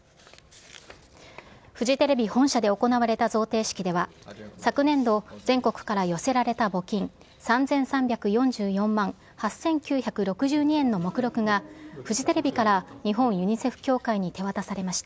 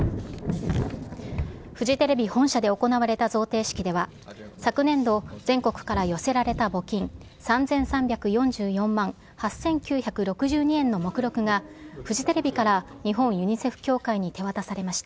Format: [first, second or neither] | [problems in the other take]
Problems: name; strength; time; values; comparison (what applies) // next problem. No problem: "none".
first | background sound (Thunder); 12 dB below the speech